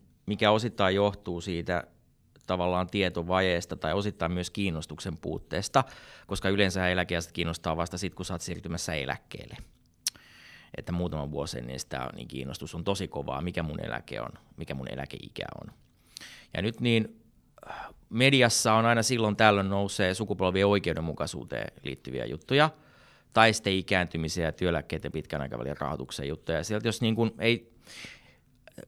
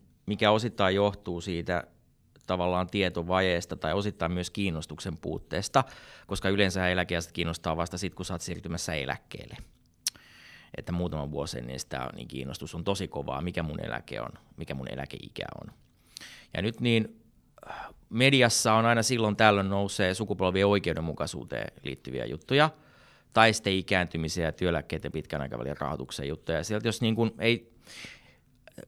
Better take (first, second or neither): neither